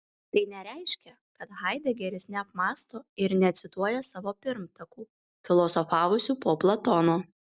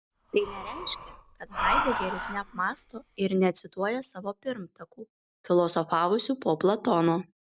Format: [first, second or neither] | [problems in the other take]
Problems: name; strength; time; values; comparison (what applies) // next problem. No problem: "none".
first | background sound (Breathing); 5 dB below the speech